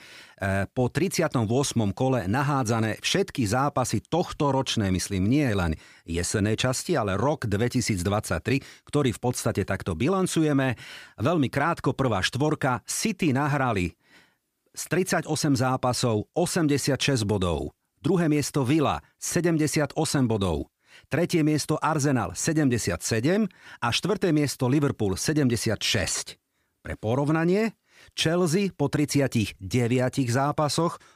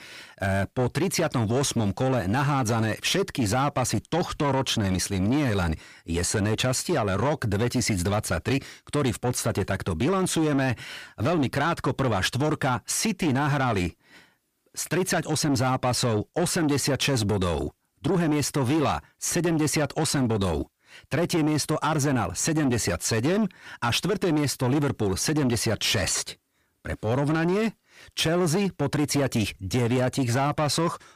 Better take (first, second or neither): first